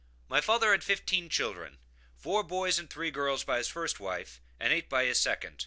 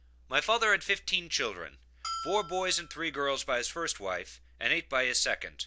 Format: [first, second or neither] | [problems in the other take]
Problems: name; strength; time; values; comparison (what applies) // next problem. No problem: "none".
first | background sound (Bell); 12 dB below the speech